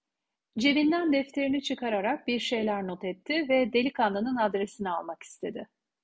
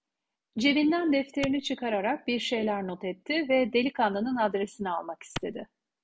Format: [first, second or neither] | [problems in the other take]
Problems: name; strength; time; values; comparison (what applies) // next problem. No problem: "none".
first | background sound (Clapping); 10 dB below the speech